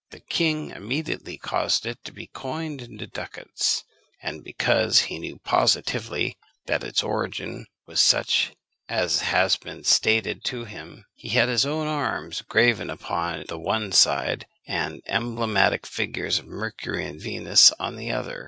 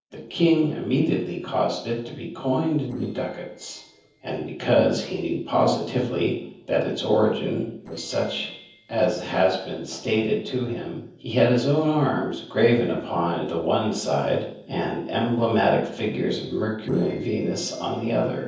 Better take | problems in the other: first | noise reduction (neural separator model SepFormer DNS4)

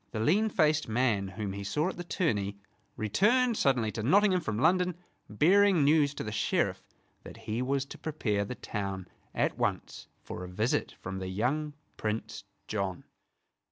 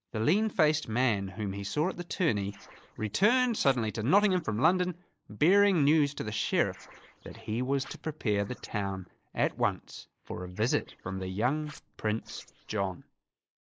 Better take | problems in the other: first | noise reduction (neural mask model Resemble Enhance denoiser)

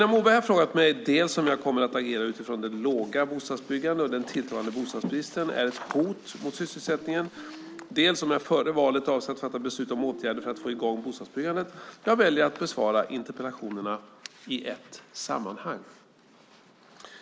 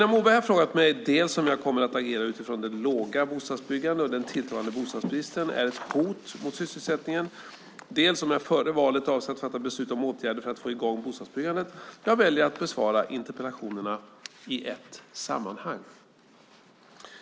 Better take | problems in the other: second | background sound (Guitar); 16 dB below the speech

